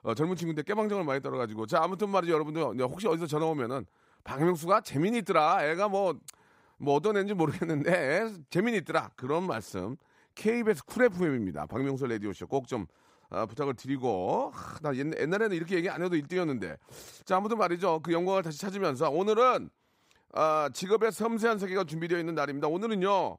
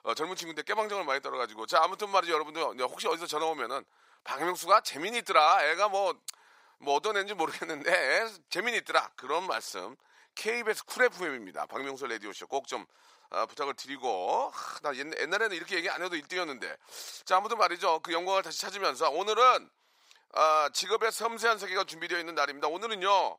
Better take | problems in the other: first | thin; very; fading below 700 Hz

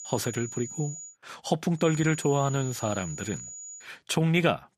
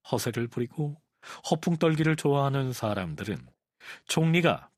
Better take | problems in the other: second | high-pitched whine; noticeable; until 1 s and from 2 to 4 s; 7 kHz, 10 dB below the speech

